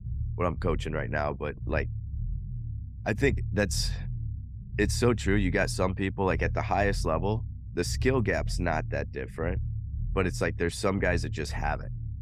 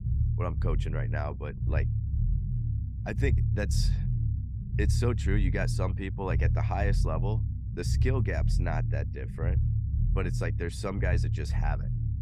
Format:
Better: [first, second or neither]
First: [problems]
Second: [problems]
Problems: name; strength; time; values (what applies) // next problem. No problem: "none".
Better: first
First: low rumble; faint; throughout; 20 dB below the speech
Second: low rumble; loud; throughout; 8 dB below the speech